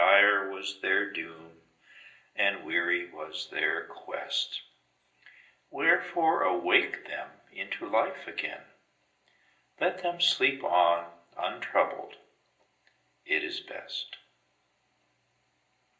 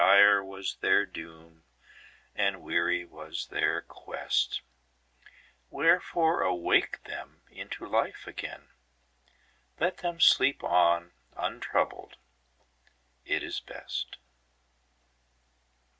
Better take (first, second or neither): second